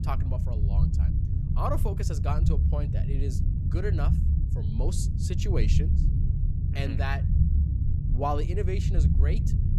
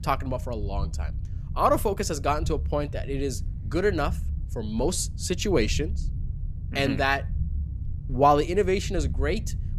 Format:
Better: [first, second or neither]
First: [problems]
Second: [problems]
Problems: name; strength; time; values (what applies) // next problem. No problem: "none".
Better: second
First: low rumble; loud; throughout; 5 dB below the speech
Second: low rumble; faint; throughout; 20 dB below the speech